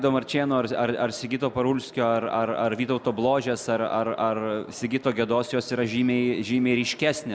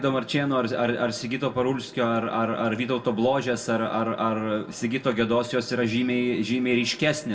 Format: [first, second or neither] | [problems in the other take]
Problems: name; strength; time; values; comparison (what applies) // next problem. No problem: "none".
first | room echo; dies away in 0.2 s